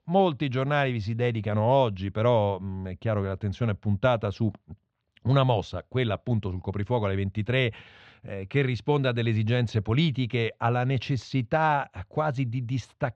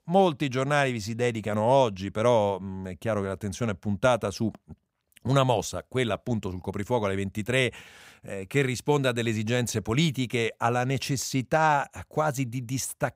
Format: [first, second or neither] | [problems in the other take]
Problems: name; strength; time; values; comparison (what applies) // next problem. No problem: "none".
second | muffled; slightly; fading above 4 kHz